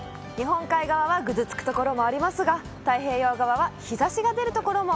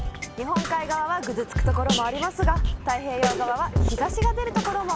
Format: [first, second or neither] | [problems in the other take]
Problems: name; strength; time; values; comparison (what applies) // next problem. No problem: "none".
first | background sound (Drum kit); 1 dB above the speech